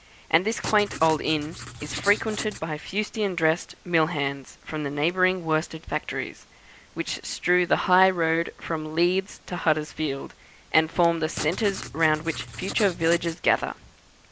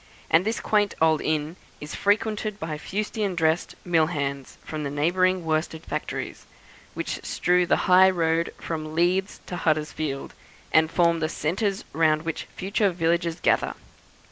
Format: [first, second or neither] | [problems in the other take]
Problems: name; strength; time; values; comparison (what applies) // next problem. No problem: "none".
second | background sound (Writing); 11 dB below the speech